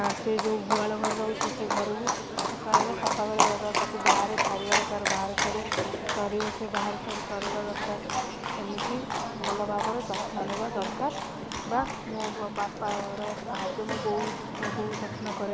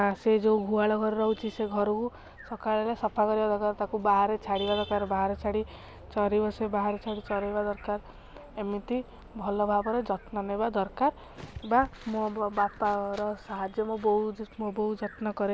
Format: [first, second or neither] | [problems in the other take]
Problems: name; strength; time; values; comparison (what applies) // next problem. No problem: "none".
second | background sound (Livestock, farm animals, working animals); 2 dB above the speech